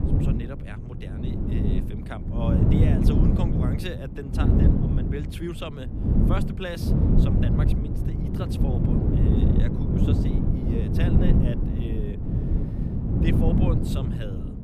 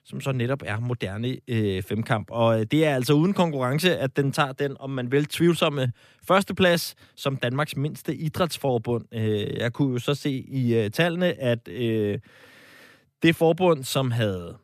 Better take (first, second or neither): second